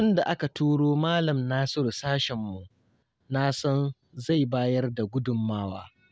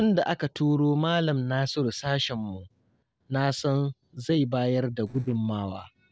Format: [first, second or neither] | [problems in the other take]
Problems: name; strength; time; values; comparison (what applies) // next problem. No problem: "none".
first | noise reduction (neural separator model SepFormer DNS4)